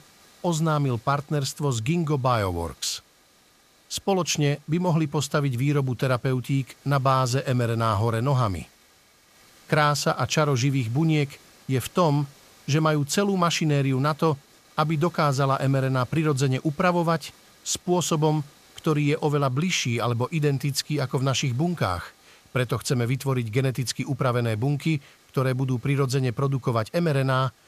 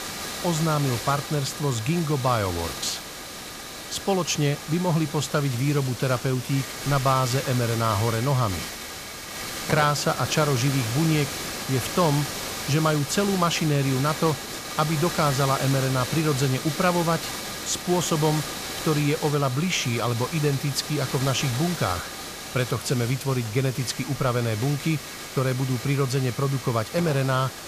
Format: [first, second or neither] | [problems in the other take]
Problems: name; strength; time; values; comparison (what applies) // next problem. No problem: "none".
first | hiss; loud; throughout; 7 dB below the speech; faint in the first